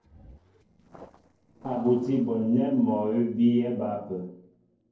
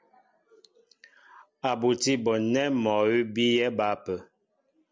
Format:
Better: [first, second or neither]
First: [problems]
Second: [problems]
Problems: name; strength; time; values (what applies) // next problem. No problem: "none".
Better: second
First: noise reduction (neural separator model SepFormer DNS4)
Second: none